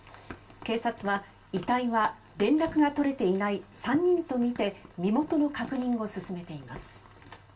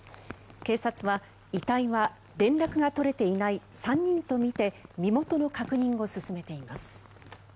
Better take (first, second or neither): second